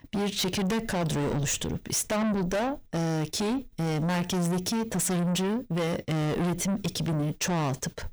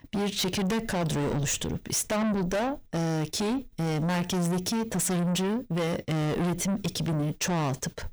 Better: neither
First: distortion; heavy; 5 dB below the speech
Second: distortion; heavy; 5 dB below the speech

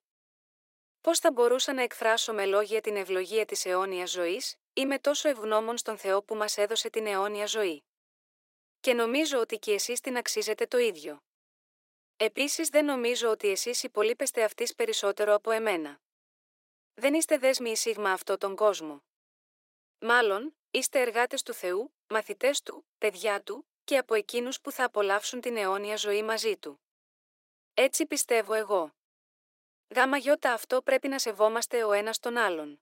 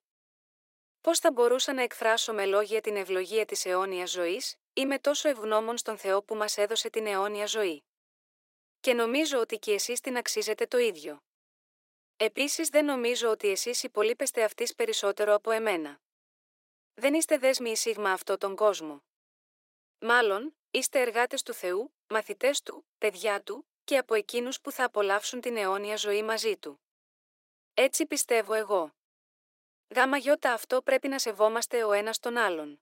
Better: neither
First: thin; very; fading below 400 Hz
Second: thin; very; fading below 400 Hz

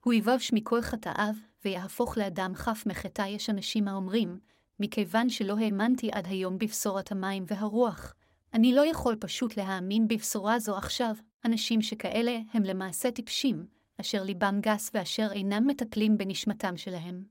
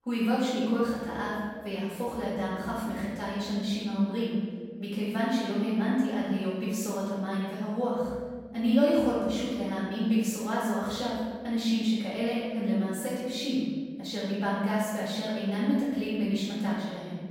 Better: first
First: none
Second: room echo; strong; dies away in 1.5 s // off-mic speech; far

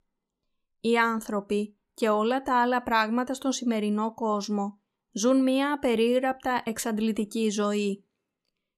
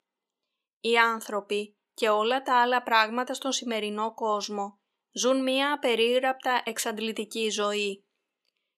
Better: first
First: none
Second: thin; somewhat; fading below 400 Hz

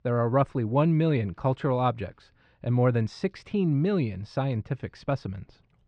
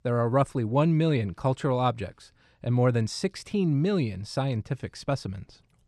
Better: second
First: muffled; slightly; fading above 3 kHz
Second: none

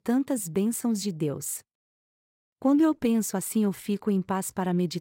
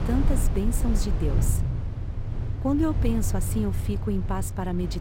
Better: first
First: none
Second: low rumble; loud; throughout; 8 dB below the speech

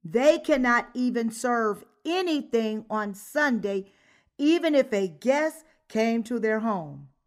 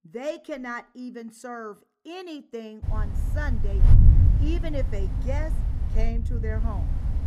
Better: first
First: none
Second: wind noise on the microphone; heavy; from 3 s on; 4 dB below the speech

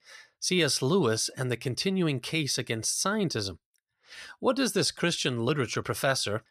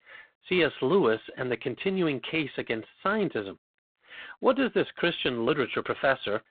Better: first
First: none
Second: phone-call audio; poor line; nothing above 3.5 kHz

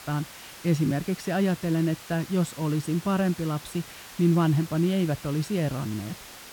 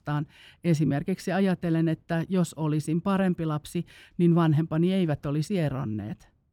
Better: second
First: hiss; noticeable; throughout; 15 dB below the speech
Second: none

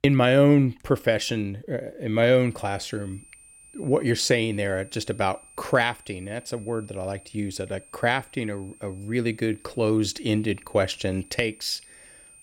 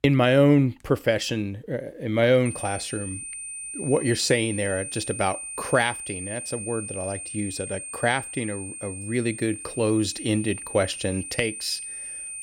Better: first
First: high-pitched whine; faint; from 2.5 s on; 9 kHz, 25 dB below the speech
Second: high-pitched whine; loud; from 2.5 s on; 9 kHz, 8 dB below the speech

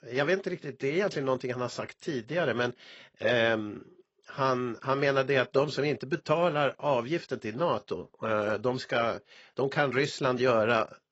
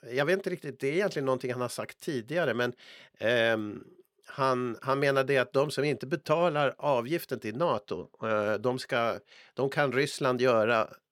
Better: second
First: garbled, watery; badly; nothing above 7.5 kHz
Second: none

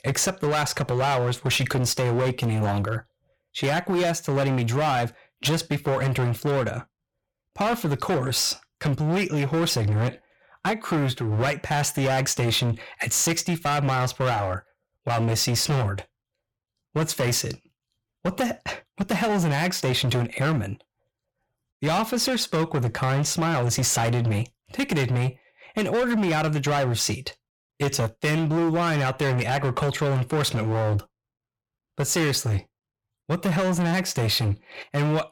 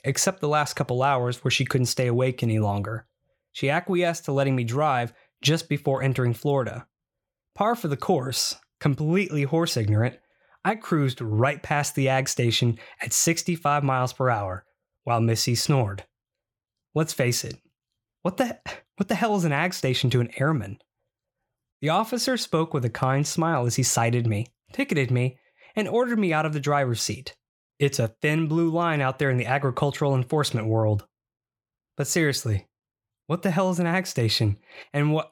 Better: second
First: distortion; heavy; 21% of the sound clipped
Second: none

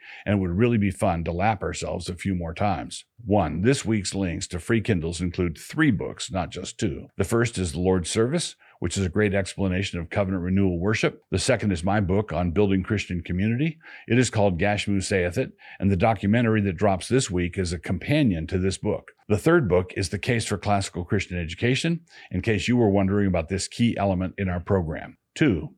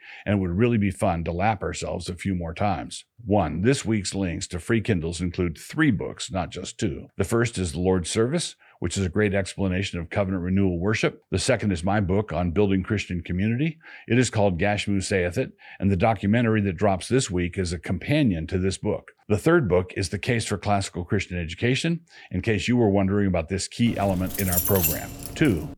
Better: first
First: none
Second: jangling keys; loud; from 24 s on; peak 3 dB above the speech

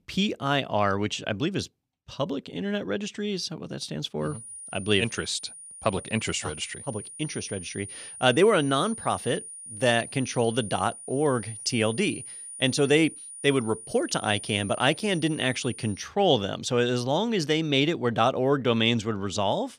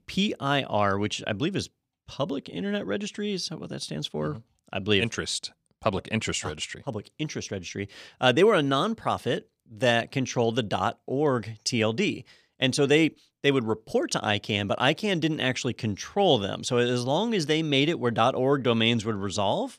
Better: second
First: high-pitched whine; noticeable; from 4.5 to 16 s; 9.5 kHz, 15 dB below the speech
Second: none

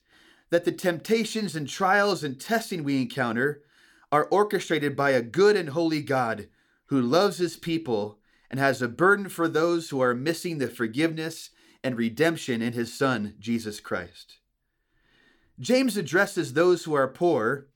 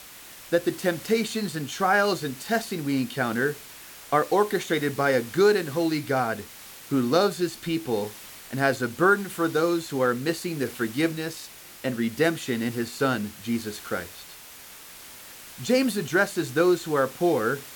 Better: first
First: none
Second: hiss; noticeable; throughout; 15 dB below the speech

